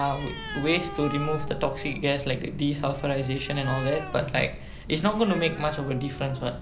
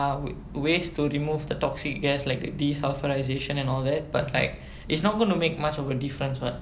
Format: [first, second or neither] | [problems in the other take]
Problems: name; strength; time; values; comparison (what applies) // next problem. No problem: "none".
second | background sound (Animal); 11 dB below the speech